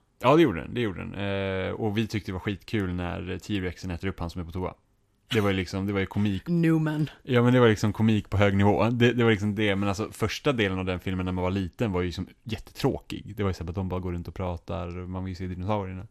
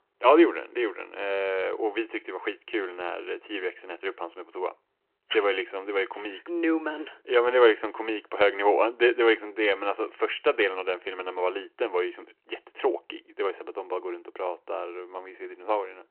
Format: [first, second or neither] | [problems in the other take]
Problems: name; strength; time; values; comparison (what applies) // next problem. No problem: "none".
first | phone-call audio